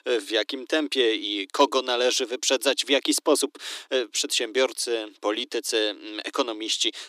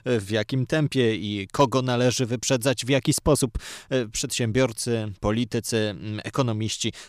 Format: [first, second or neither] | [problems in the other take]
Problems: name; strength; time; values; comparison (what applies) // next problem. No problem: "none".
second | thin; somewhat; fading below 300 Hz